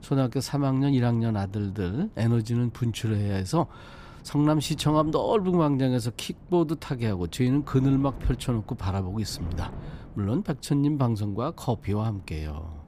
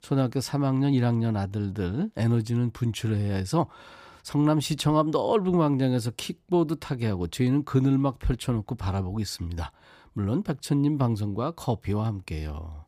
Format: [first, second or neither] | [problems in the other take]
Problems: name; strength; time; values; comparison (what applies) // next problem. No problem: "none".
second | wind noise on the microphone; occasional gusts; 20 dB below the speech